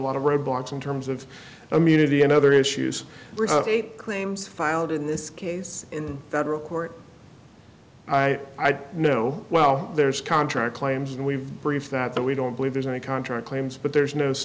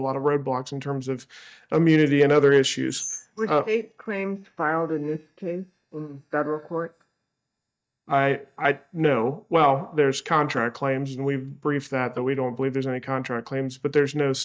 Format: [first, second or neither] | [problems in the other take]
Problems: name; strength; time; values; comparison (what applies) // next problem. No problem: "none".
first | noise reduction (neural mask model DeepFilterNet 3)